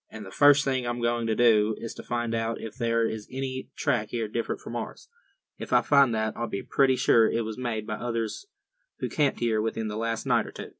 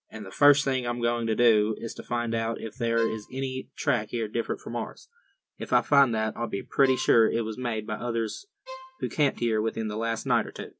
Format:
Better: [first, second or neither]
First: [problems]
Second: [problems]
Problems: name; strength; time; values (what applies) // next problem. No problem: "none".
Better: first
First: none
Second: background sound (Bowed string instrument); 17 dB below the speech